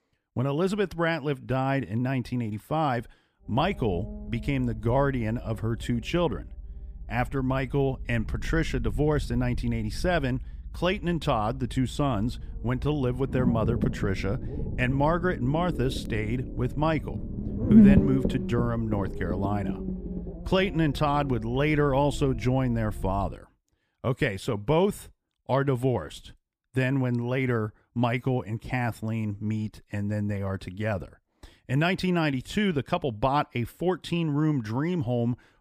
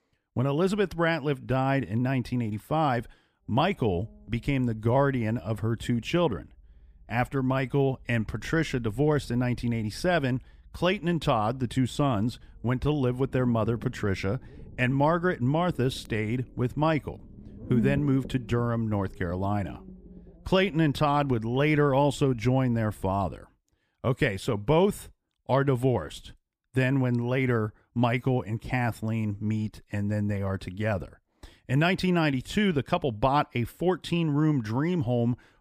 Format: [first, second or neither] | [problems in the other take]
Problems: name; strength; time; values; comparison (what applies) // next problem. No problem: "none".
second | low rumble; loud; from 3.5 to 23 s; 6 dB below the speech; faint in the second